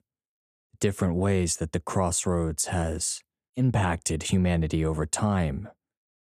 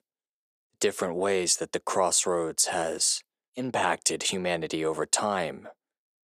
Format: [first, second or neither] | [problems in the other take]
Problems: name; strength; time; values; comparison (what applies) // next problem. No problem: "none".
first | thin; very; fading below 450 Hz